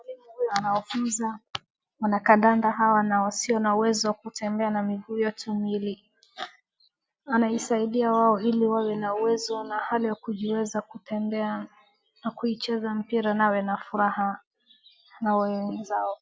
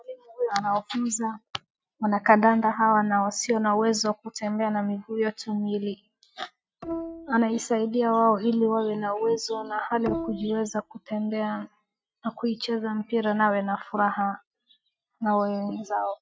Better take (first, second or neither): first